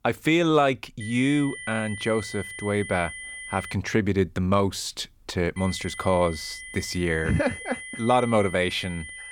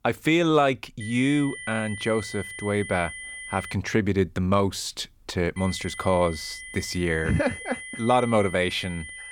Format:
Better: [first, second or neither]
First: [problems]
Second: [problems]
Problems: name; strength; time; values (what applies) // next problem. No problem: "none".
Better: neither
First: high-pitched whine; noticeable; from 1 to 3.5 s and from 5.5 s on; 2 kHz, 10 dB below the speech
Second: high-pitched whine; noticeable; from 1 to 3.5 s and from 5.5 s on; 2 kHz, 10 dB below the speech